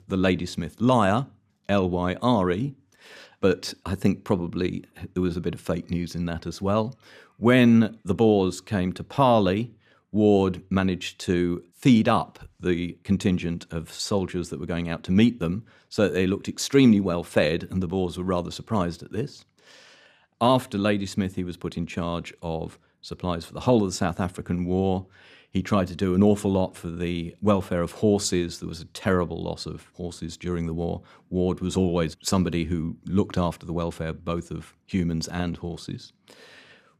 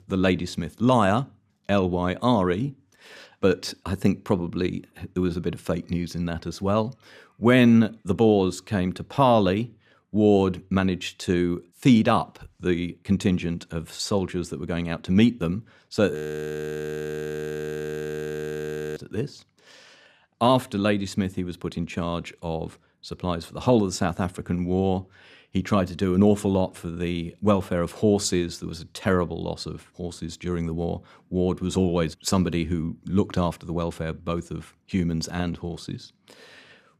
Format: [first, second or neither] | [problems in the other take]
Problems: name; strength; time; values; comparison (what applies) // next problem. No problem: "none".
first | audio freezing; at 16 s for 3 s